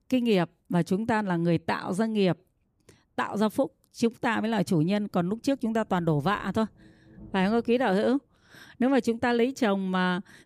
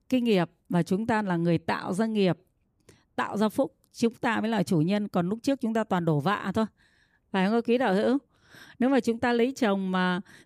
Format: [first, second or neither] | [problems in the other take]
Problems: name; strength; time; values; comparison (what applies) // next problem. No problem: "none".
second | rain or running water; faint; from 4 s on; 30 dB below the speech